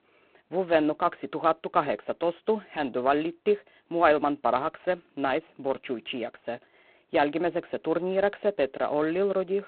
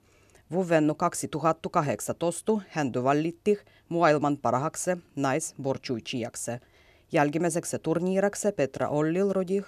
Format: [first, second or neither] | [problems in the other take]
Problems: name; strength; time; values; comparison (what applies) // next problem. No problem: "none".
second | phone-call audio; poor line; nothing above 4 kHz